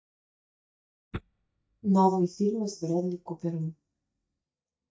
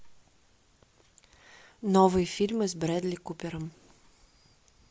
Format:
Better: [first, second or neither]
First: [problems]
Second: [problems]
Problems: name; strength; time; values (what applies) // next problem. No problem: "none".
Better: second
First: noise reduction (neural mask model DeepFilterNet 3)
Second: none